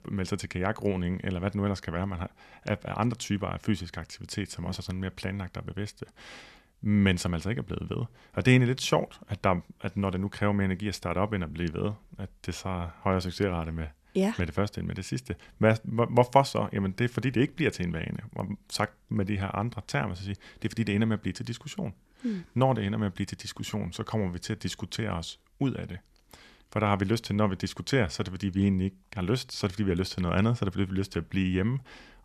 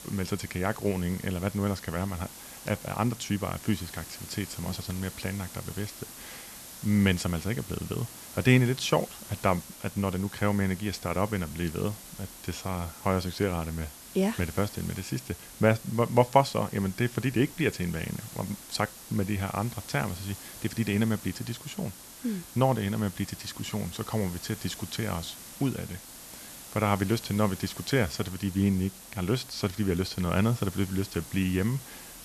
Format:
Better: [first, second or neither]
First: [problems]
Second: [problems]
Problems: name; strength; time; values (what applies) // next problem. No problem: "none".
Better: first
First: none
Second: hiss; noticeable; throughout; 15 dB below the speech